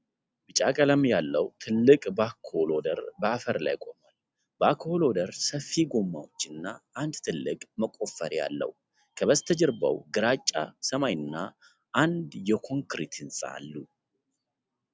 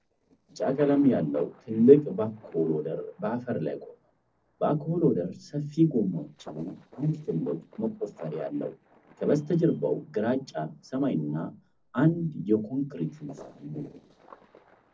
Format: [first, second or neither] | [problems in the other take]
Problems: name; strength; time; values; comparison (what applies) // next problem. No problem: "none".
first | noise reduction (neural separator model SepFormer DNS4)